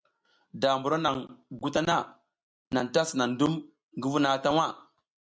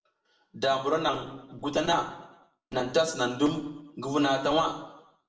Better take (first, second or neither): first